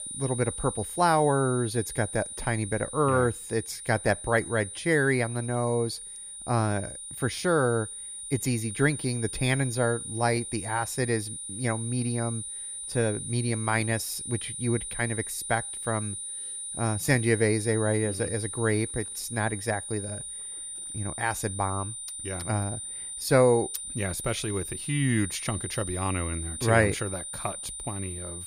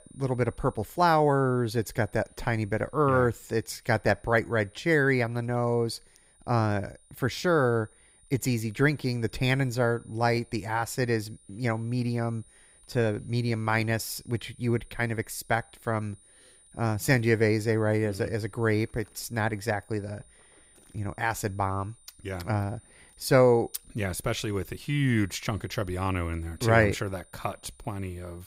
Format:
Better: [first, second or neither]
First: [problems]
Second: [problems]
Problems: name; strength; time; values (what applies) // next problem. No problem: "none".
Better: second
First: high-pitched whine; loud; throughout; 9.5 kHz, 7 dB below the speech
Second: high-pitched whine; faint; throughout; 9.5 kHz, 30 dB below the speech